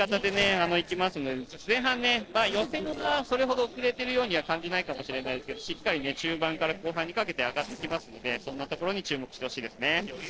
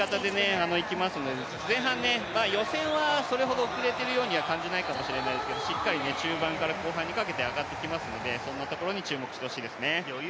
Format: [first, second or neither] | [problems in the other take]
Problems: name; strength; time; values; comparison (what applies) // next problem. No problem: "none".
second | noise reduction (neural separator model SepFormer DNS4)